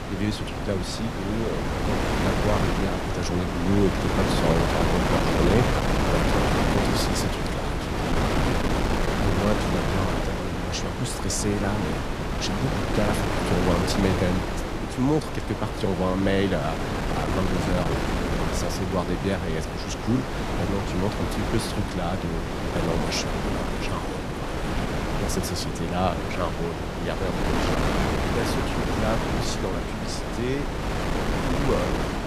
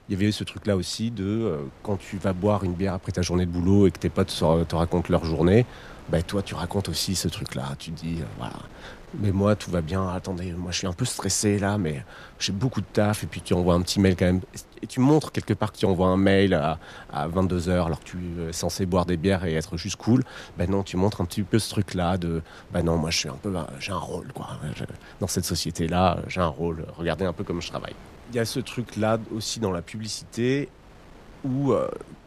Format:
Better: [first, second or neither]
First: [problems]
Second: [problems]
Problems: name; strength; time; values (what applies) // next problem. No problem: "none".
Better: second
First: wind noise on the microphone; heavy; 3 dB above the speech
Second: wind noise on the microphone; occasional gusts; 25 dB below the speech